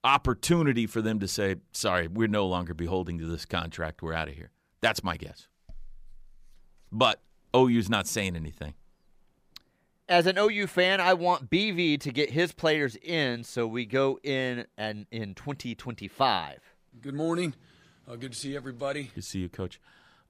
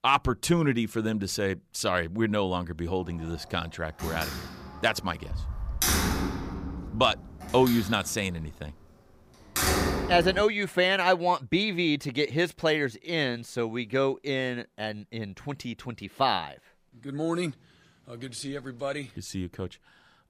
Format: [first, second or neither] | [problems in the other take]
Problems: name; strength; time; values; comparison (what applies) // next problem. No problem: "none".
first | door banging; loud; from 4 to 10 s; peak 4 dB above the speech